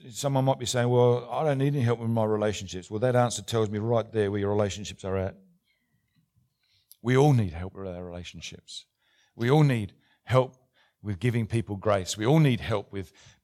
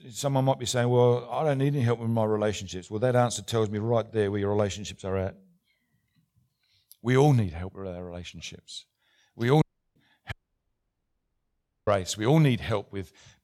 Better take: first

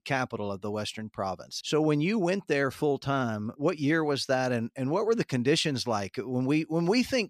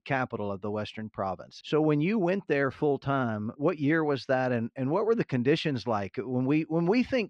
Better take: first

